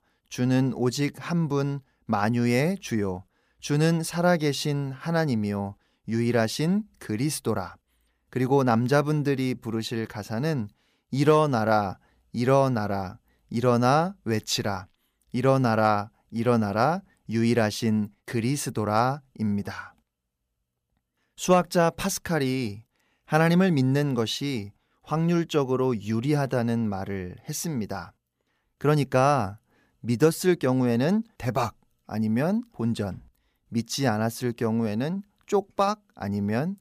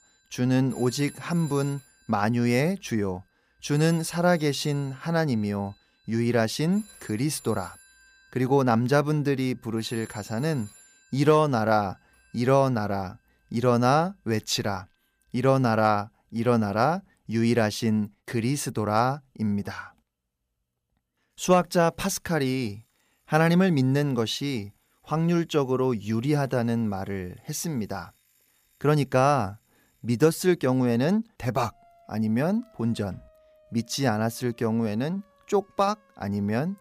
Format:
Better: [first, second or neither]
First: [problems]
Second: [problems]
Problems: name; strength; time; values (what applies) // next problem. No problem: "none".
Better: first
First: none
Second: alarms or sirens; faint; throughout; 25 dB below the speech